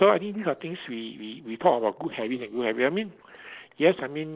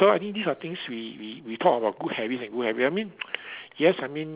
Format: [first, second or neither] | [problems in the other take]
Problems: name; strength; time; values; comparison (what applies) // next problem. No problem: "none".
second | noise reduction (neural separator model SepFormer DNS4)